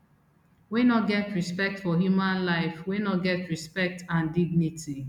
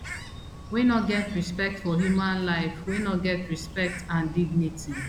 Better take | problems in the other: first | background sound (Bird); 12 dB below the speech

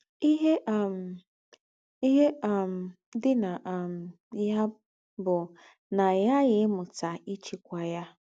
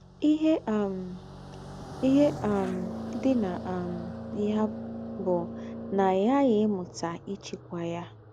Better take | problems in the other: first | background sound (Car passing by); 11 dB below the speech

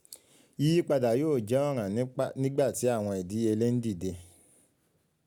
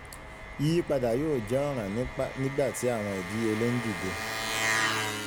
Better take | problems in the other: first | background sound (Engine); 4 dB below the speech

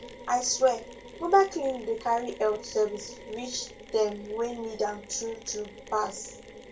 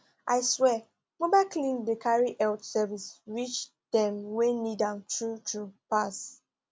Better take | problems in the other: second | background sound (Mechanisms); 16 dB below the speech // room echo; dies away in 0.2 s

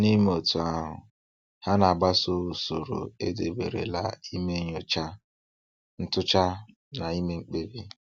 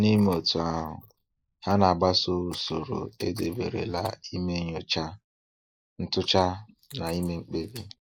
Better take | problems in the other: first | noise reduction (neural mask model Resemble Enhance denoiser)

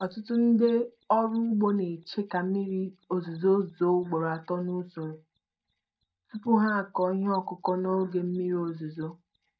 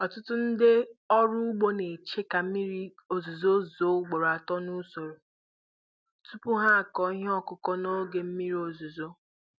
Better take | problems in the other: second | noise reduction (neural mask model DeepFilterNet 3)

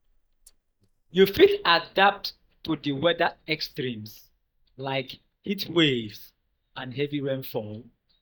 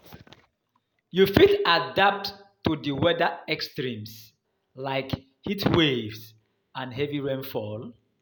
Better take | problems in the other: second | noise reduction (neural mask model DeepFilterNet 3)

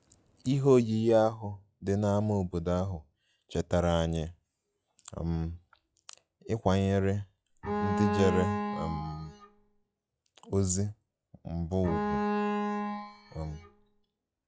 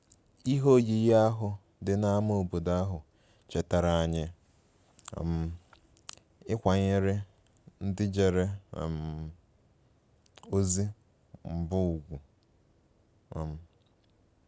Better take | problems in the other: second | noise reduction (classical method log-MMSE)

